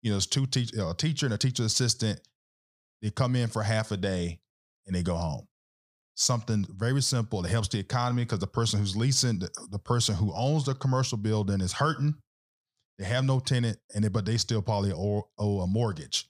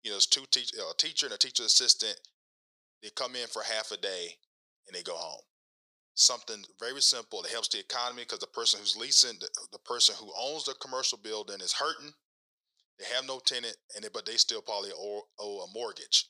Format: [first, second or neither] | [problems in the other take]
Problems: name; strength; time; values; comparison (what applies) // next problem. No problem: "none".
first | thin; very; fading below 400 Hz